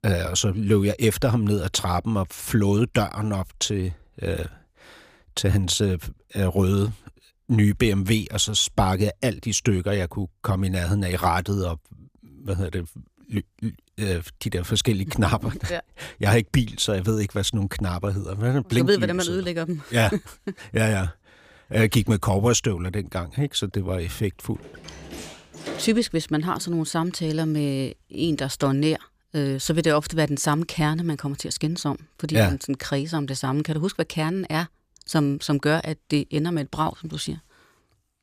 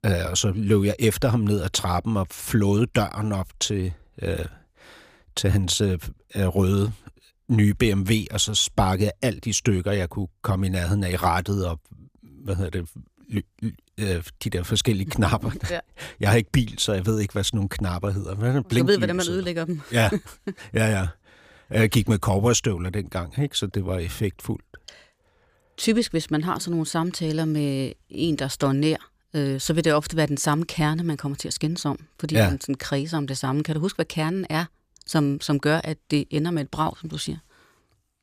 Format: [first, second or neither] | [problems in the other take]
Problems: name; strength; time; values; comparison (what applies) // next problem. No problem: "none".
second | door banging; faint; from 25 to 26 s; peak 10 dB below the speech